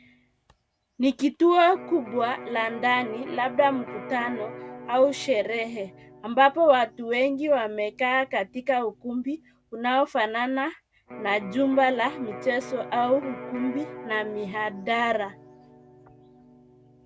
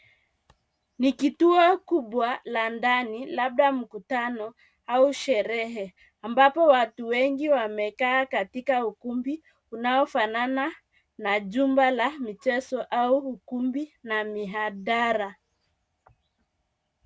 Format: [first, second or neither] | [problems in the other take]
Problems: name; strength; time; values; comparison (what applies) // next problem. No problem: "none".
second | background sound (Electric guitar); 16 dB below the speech